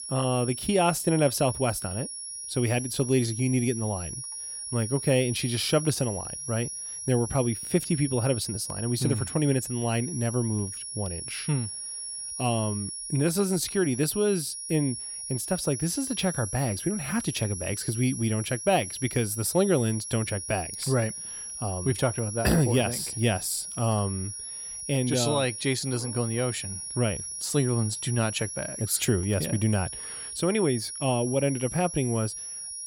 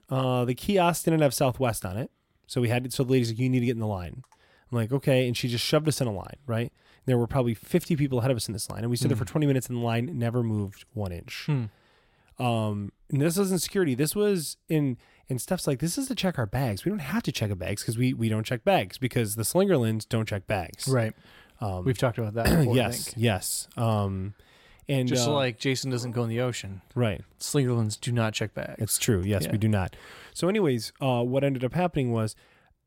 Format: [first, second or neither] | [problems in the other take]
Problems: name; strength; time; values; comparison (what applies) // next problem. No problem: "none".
second | high-pitched whine; loud; throughout; 10.5 kHz, 6 dB below the speech